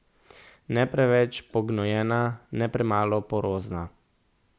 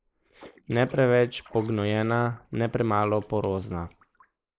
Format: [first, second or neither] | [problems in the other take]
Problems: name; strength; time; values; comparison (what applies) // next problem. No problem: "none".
first | noise reduction (neural mask model Resemble Enhance denoiser)